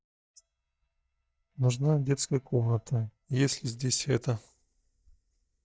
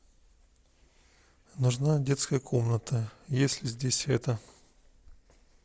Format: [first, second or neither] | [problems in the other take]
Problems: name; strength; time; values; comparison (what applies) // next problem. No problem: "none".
second | noise reduction (neural mask model DeepFilterNet 3)